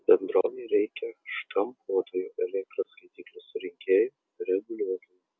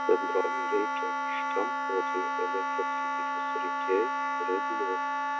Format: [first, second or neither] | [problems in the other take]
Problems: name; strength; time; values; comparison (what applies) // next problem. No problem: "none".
first | background sound (Wind instrument, woodwind instrument); 3 dB above the speech